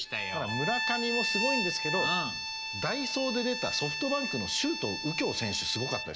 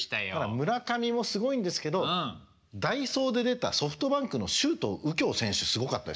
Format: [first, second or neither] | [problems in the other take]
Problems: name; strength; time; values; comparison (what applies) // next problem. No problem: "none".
second | background sound (Bowed string instrument); 1 dB below the speech